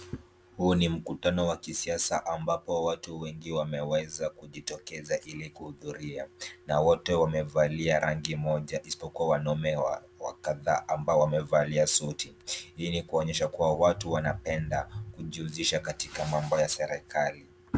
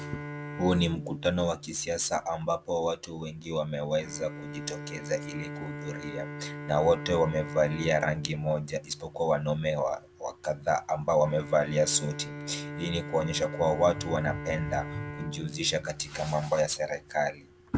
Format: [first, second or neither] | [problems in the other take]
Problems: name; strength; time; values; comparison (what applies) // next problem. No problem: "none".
first | background sound (Bowed string instrument); 11 dB below the speech